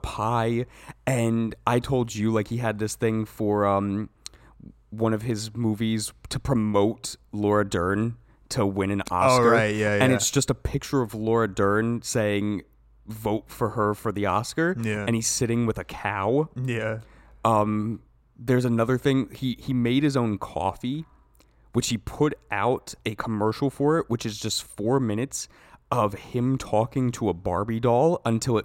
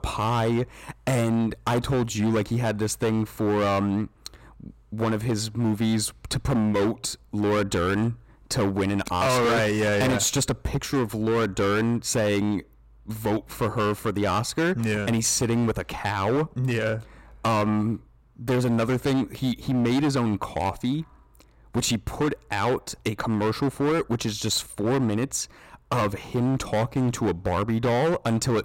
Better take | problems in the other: first | distortion; heavy; 16% of the sound clipped

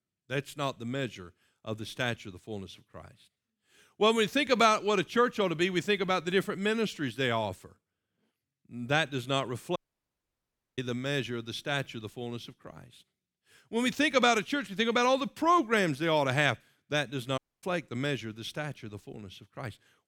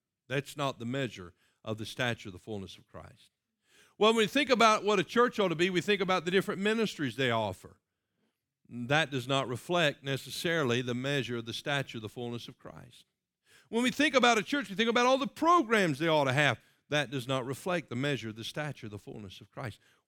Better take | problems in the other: second | audio cutting out; at 10 s for 1 s and at 17 s

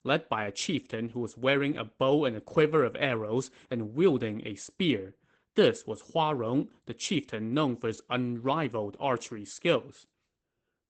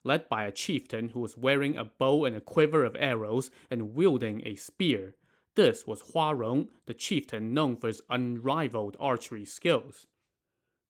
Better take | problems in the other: second | garbled, watery; badly; nothing above 8 kHz; slightly in the second

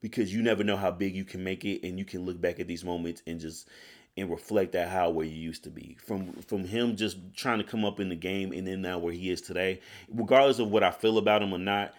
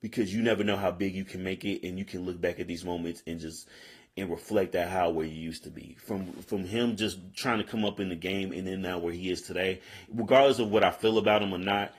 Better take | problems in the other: first | garbled, watery; slightly; nothing above 14.5 kHz

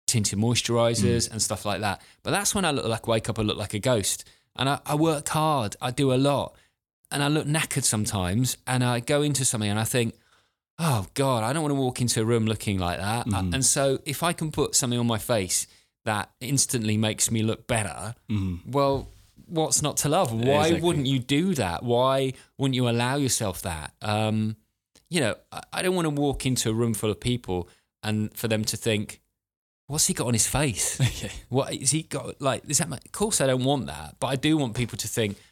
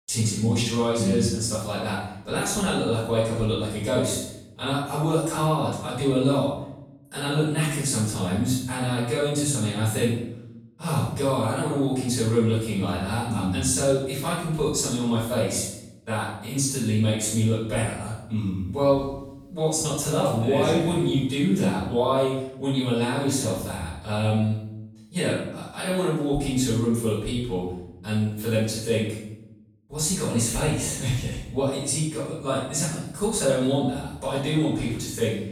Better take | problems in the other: first | off-mic speech; far // room echo; strong; dies away in 0.7 s

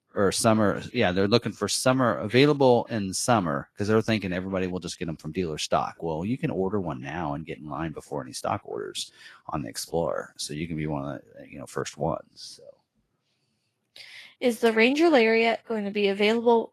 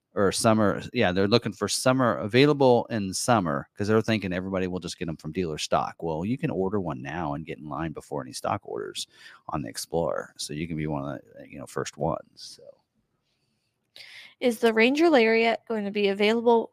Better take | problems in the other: second | garbled, watery; slightly

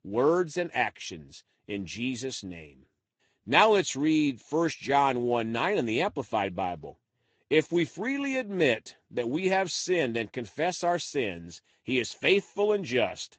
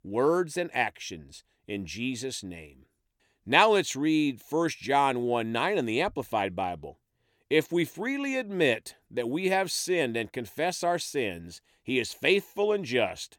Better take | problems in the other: second | garbled, watery; slightly

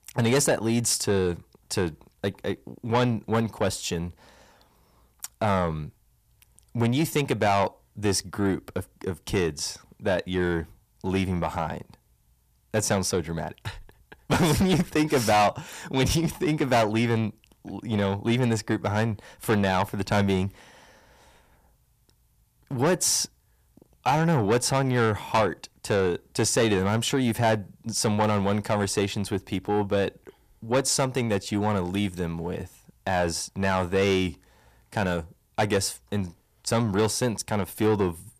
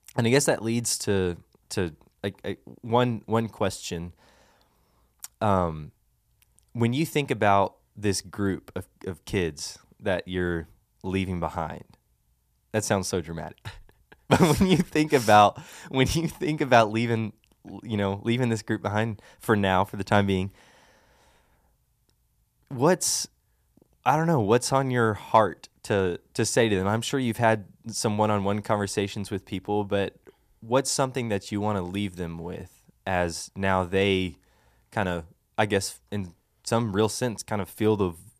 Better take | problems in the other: second | distortion; heavy; 8 dB below the speech

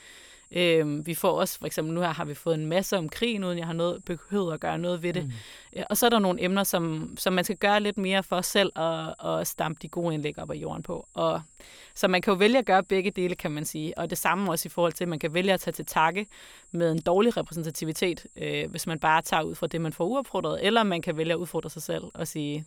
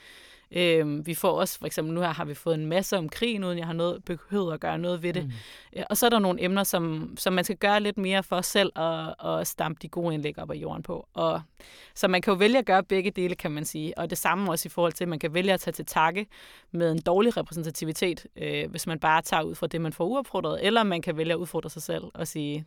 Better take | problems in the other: second | high-pitched whine; faint; throughout; 7.5 kHz, 25 dB below the speech

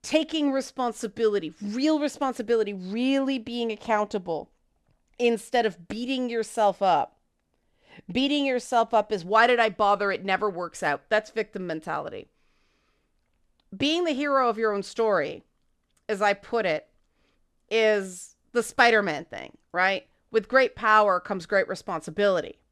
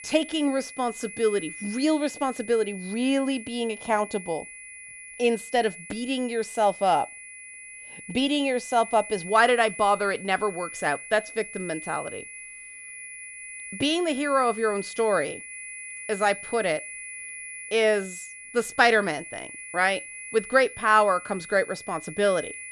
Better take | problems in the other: first | high-pitched whine; noticeable; throughout; 2 kHz, 15 dB below the speech

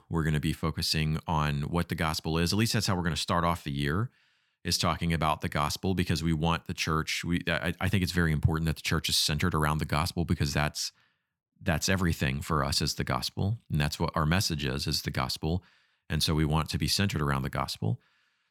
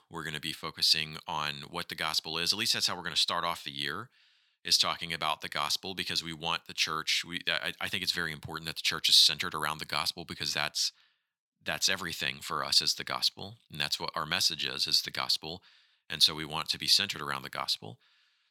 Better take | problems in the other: first | thin; somewhat; fading below 950 Hz

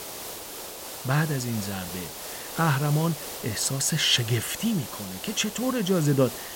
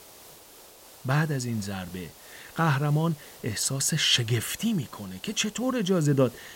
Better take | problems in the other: second | hiss; loud; throughout; 10 dB below the speech; faint in the second

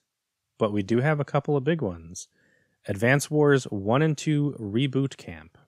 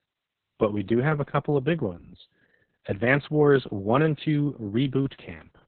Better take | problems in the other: first | garbled, watery; badly; nothing above 4 kHz

